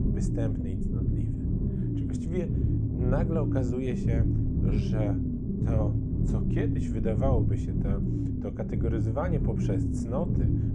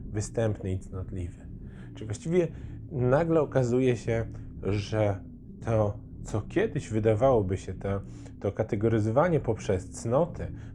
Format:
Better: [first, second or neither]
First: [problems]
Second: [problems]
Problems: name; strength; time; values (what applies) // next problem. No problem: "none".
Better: second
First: low rumble; loud; throughout; 1 dB below the speech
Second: low rumble; faint; throughout; 25 dB below the speech